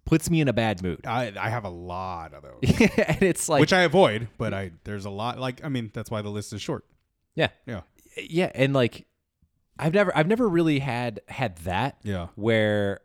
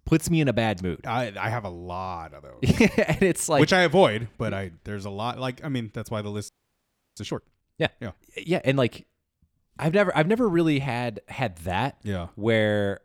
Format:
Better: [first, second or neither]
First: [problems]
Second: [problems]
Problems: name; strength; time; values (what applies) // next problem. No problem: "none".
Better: first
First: none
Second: audio freezing; at 6.5 s for 0.5 s